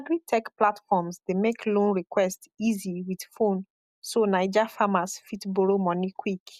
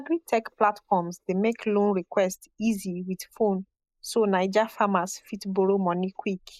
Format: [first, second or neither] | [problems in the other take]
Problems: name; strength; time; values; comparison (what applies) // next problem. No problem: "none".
first | noise reduction (neural mask model Resemble Enhance denoiser)